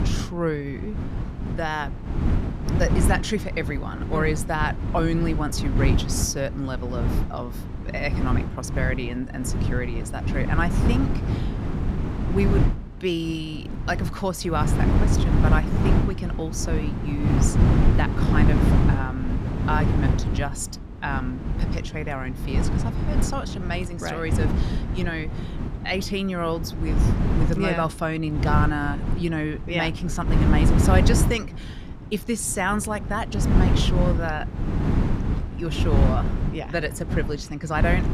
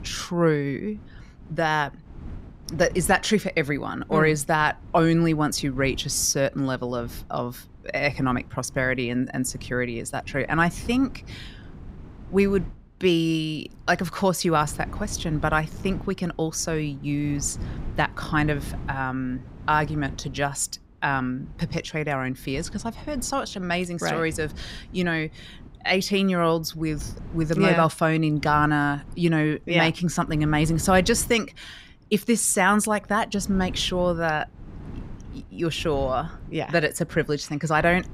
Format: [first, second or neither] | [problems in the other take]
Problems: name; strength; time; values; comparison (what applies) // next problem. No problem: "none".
second | wind noise on the microphone; heavy; 5 dB below the speech; occasional gusts in the second